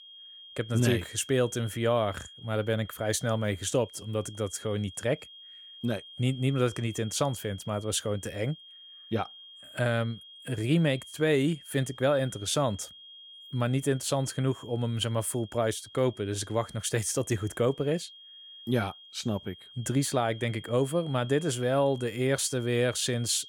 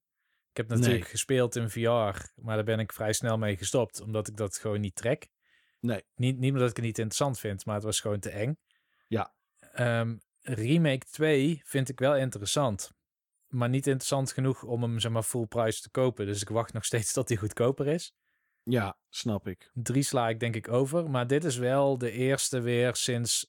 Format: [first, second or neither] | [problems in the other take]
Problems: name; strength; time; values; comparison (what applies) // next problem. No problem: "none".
second | high-pitched whine; noticeable; throughout; 3 kHz, 15 dB below the speech